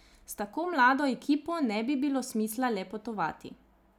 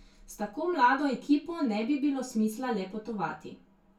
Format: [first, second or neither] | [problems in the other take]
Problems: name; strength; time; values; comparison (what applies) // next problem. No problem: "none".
first | room echo; dies away in 0.2 s